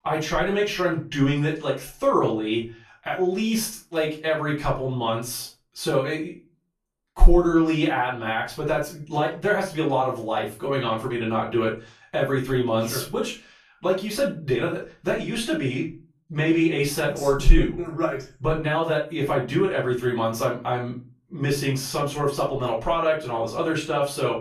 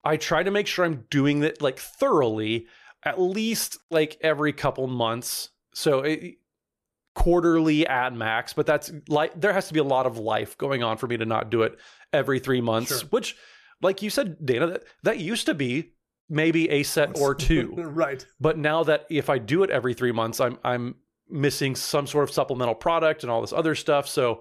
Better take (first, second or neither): second